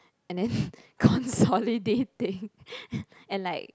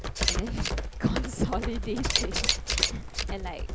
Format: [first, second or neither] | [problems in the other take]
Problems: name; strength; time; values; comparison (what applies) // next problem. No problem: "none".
first | background sound (Computer keyboard + Camera); 5 dB above the speech